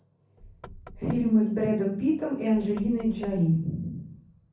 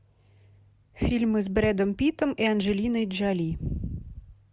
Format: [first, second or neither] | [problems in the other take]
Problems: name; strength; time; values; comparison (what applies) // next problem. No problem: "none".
second | background sound (Knock / Wood); 20 dB below the speech // room echo; dies away in 0.6 s